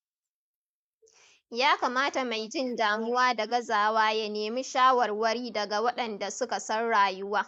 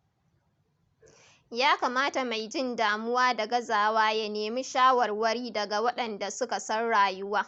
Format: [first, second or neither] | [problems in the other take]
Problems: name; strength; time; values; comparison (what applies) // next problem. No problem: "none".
second | noise reduction (neural mask model Resemble Enhance denoiser)